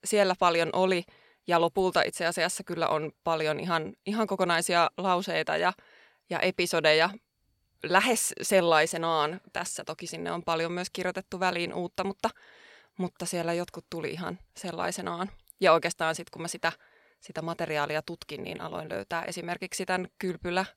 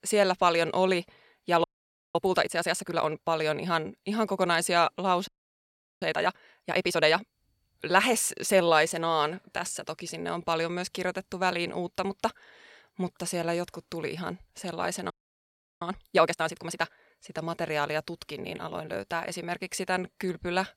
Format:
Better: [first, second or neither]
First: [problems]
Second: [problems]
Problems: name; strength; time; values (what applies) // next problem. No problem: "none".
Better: first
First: none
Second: audio freezing; at 1.5 s for 0.5 s, at 5.5 s for 0.5 s and at 15 s for 0.5 s